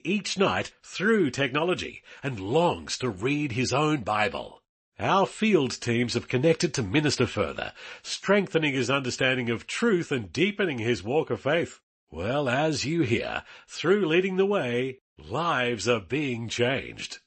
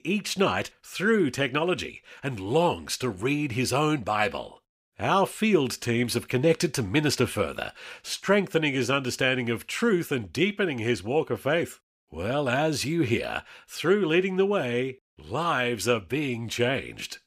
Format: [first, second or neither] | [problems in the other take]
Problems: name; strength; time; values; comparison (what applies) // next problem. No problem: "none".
second | garbled, watery; slightly; nothing above 8 kHz